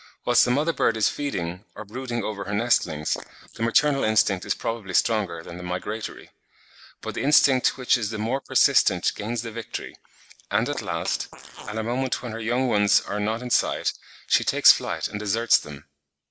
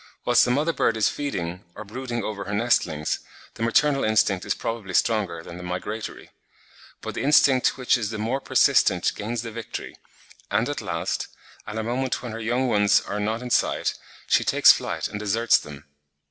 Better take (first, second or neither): second